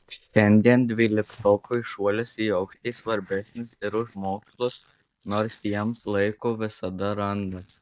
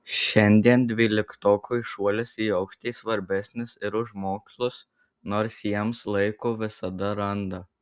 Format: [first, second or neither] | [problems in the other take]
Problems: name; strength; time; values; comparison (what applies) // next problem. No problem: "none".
second | noise reduction (neural mask model DeepFilterNet 3)